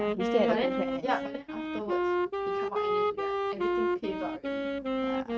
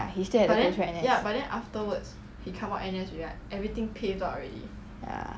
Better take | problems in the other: second | noise reduction (neural mask model RNNoise)

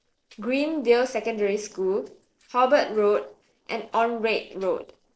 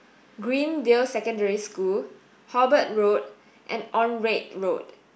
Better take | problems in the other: second | noise reduction (neural separator model SepFormer DNS4)

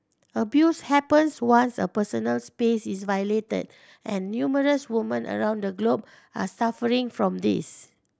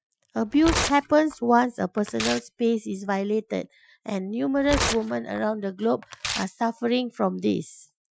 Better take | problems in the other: first | noise reduction (classical method Wiener filter)

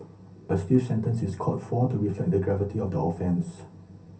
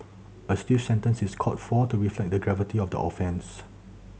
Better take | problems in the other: second | room echo; dies away in 0.3 s

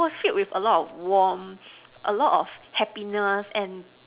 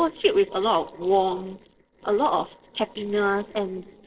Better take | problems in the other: first | noise reduction (neural separator model SepFormer DNS4)

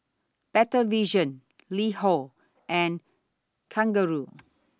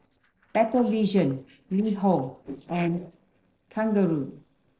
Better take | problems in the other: first | noise reduction (neural separator model SepFormer DNS4)

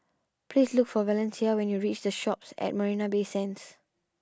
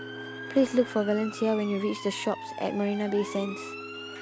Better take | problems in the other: first | background sound (Piano + Motor vehicle (road) / Siren); 11 dB below the speech

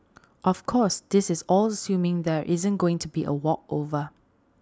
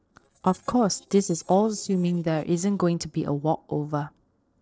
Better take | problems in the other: first | noise reduction (neural separator model SepFormer DNS4)

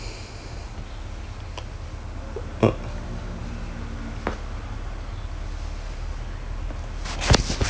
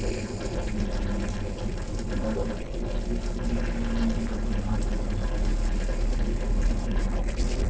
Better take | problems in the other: first | noise reduction (neural separator model SepFormer DNS4)

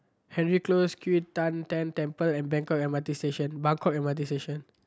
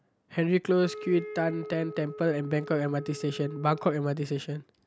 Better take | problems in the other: first | background sound (Wind instrument, woodwind instrument); 13 dB below the speech

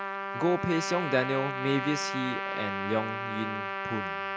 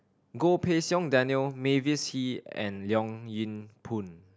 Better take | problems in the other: second | background sound (Trumpet); 2 dB below the speech

